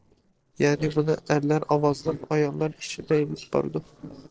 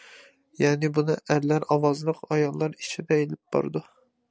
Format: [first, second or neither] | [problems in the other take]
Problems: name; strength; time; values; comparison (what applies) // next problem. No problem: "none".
second | noise reduction (neural separator model SepFormer DNS4)